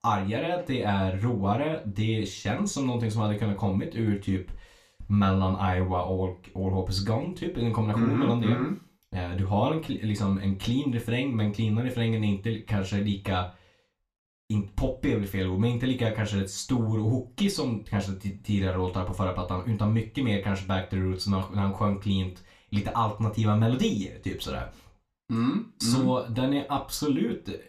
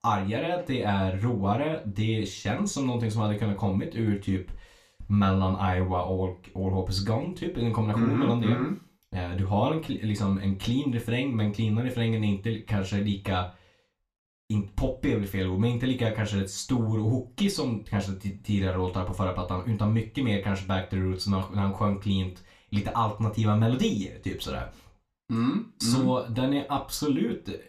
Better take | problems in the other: neither | room echo; very slight; dies away in 0.3 s; the same in both // off-mic speech; somewhat distant; the same in both

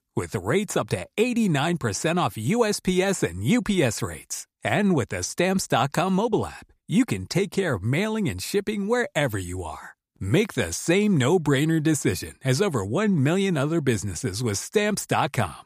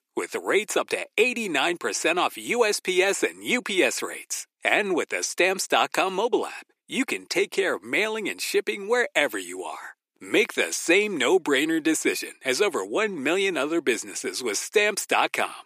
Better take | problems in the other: first | thin; somewhat; fading below 350 Hz

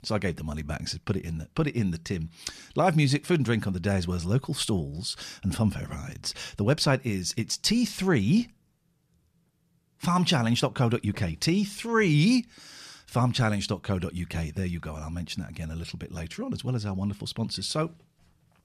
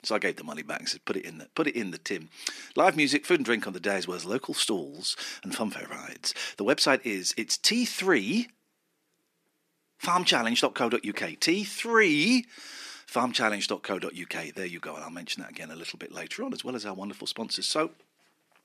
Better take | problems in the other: first | thin; somewhat; fading below 300 Hz

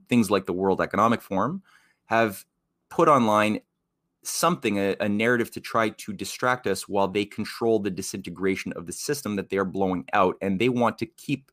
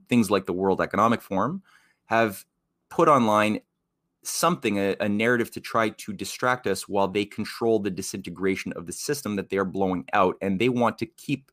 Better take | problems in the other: neither | none

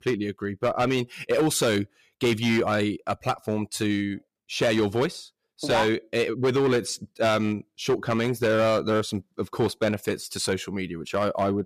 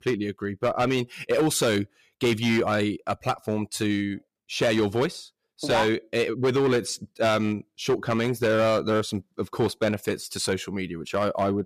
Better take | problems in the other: neither | distortion; slight; 8% of the sound clipped; the same in both

